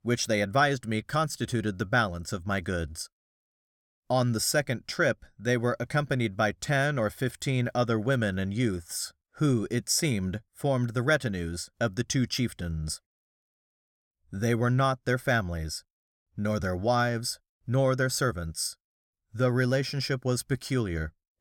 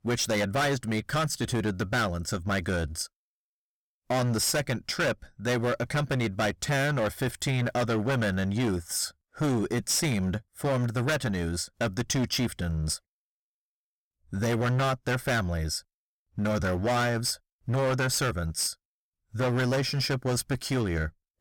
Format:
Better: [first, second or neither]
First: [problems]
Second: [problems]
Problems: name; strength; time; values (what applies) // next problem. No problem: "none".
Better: first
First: none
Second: distortion; heavy; 17% of the sound clipped